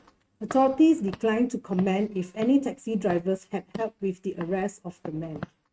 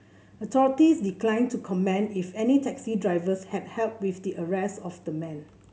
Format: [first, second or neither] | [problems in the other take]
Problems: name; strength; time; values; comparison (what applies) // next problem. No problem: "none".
second | noise reduction (neural mask model RNNoise)